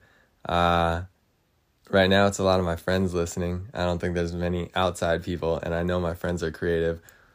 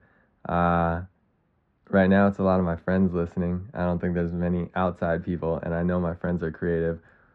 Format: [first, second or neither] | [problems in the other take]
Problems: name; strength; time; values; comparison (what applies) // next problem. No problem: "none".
first | muffled; very; fading above 1.5 kHz